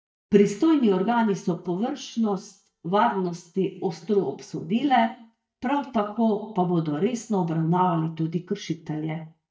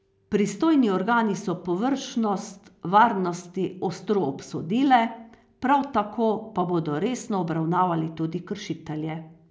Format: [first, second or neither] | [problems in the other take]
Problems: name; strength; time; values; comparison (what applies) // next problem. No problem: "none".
second | noise reduction (neural mask model DeepFilterNet 3)